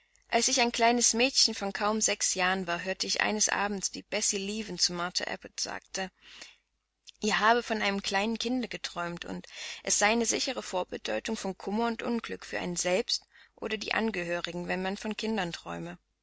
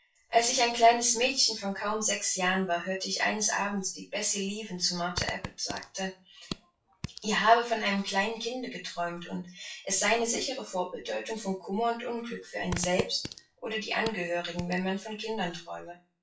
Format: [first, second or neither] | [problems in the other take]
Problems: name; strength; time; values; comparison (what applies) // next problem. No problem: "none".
first | noise reduction (classical method WPE with log-MMSE)